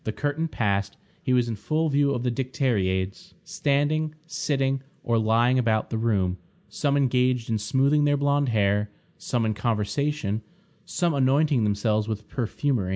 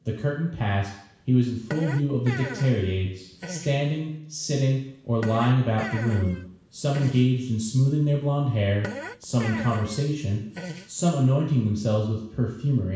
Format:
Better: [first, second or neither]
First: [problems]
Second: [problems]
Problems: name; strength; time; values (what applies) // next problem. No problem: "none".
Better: first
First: none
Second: background sound (Fart); 15 dB below the speech // room echo; dies away in 0.7 s